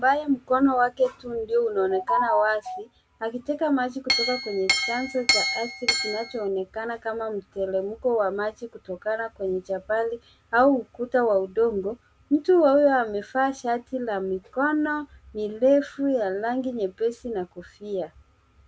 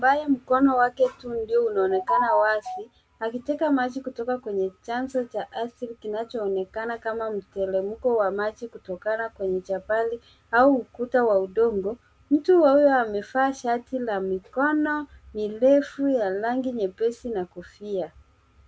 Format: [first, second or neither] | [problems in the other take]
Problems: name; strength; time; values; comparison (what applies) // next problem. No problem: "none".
second | background sound (Chink, clink); 1 dB below the speech